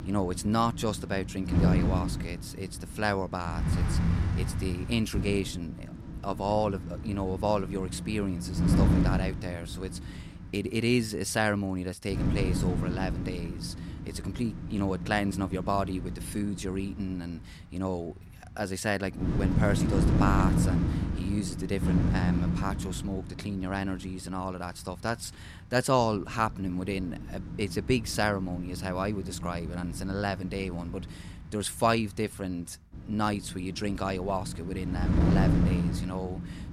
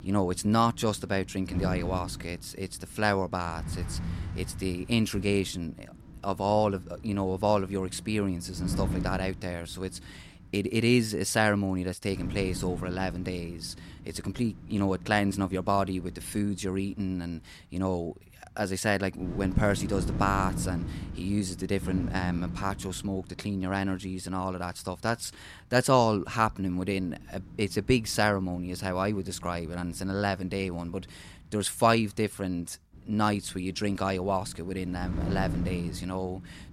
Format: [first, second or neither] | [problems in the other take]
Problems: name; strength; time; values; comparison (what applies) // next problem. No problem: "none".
second | wind noise on the microphone; heavy; 7 dB below the speech; occasional gusts in the second